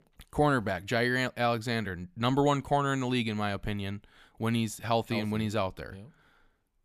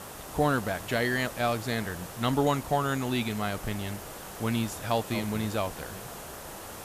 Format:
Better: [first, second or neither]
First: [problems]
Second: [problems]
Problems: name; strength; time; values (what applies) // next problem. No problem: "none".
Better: first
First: none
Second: hiss; noticeable; throughout; 10 dB below the speech